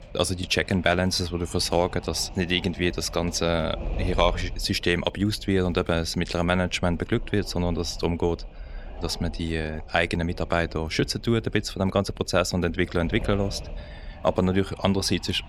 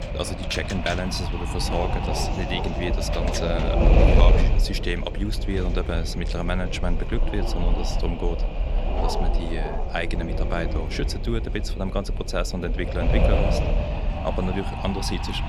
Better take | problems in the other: first | wind noise on the microphone; heavy; as loud as the speech; occasional gusts in the first

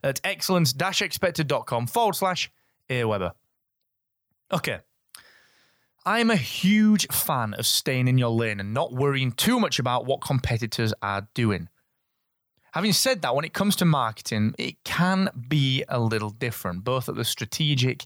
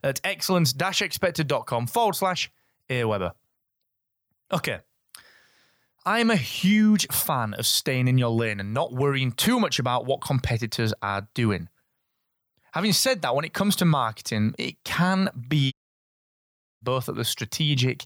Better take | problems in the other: first | audio cutting out; at 16 s for 1 s

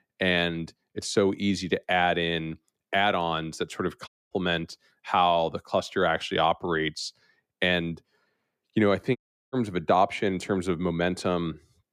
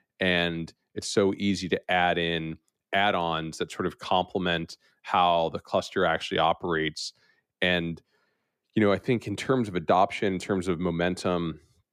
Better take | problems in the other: second | audio cutting out; at 4 s and at 9 s

